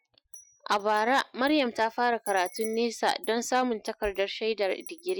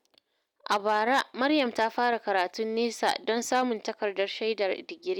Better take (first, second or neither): second